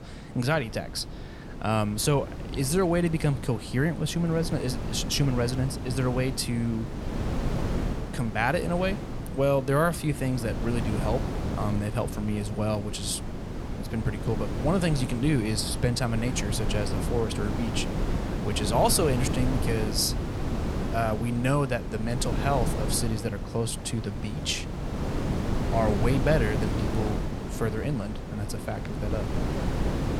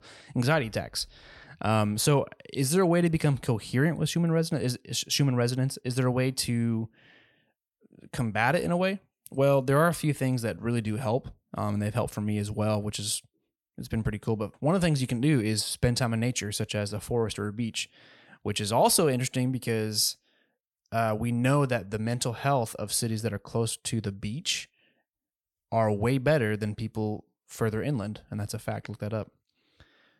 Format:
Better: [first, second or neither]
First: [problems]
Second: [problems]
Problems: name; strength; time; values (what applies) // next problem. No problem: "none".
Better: second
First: wind noise on the microphone; heavy; 7 dB below the speech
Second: none